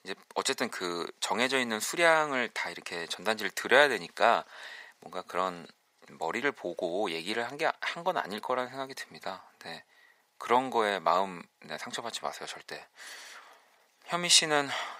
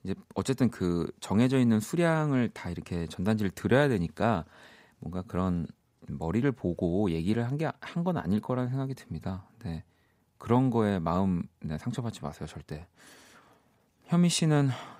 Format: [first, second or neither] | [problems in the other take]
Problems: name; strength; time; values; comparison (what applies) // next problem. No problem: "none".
second | thin; very; fading below 700 Hz